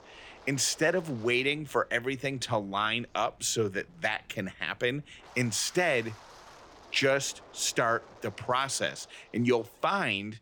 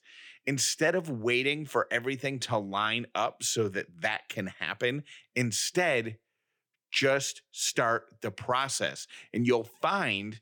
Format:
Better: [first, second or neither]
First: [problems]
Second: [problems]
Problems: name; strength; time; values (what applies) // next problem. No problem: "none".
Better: second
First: wind noise on the microphone; occasional gusts; 25 dB below the speech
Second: none